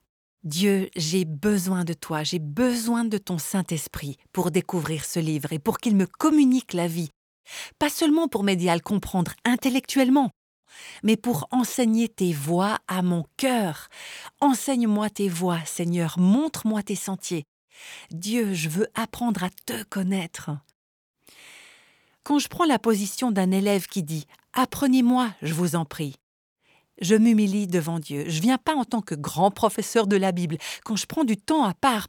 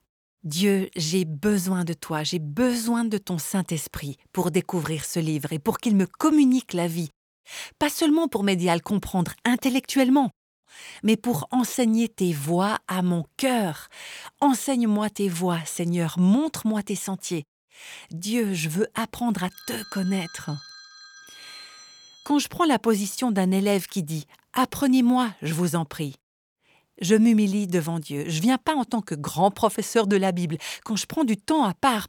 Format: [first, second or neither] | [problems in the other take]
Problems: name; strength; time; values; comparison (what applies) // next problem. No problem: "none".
first | phone ringing; faint; from 20 to 22 s; peak 15 dB below the speech